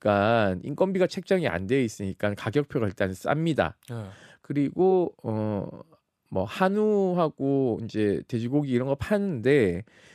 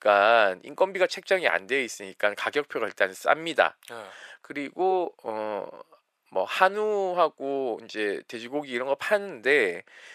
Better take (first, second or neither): first